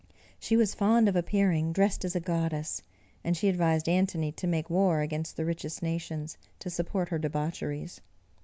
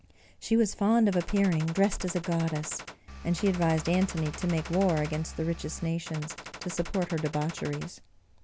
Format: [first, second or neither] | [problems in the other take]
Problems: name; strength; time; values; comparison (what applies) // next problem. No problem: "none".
first | background sound (Gunshot, gunfire + Engine); 13 dB below the speech